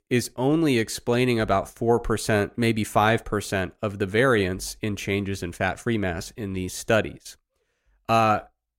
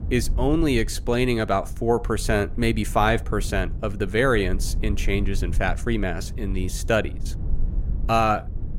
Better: first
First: none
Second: low rumble; faint; throughout; 20 dB below the speech

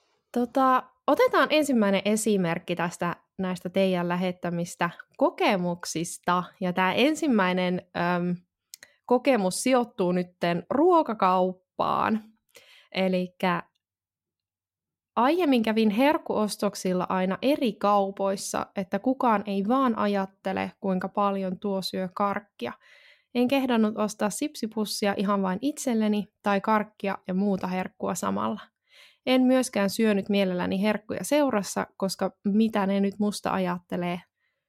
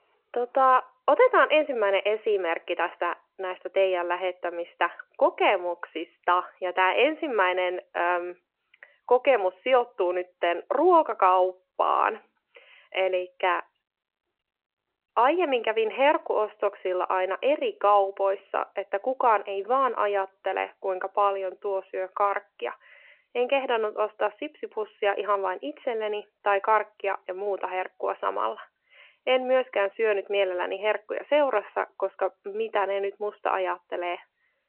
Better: first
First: none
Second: phone-call audio

